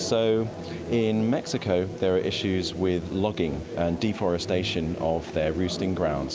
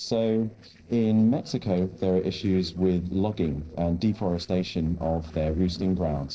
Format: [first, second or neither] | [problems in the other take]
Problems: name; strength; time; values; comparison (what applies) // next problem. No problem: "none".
first | noise reduction (neural separator model SepFormer DNS4)